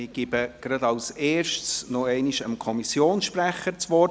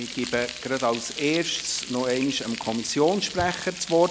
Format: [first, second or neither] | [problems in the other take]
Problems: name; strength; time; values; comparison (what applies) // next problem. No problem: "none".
first | background sound (Frying (food)); 11 dB below the speech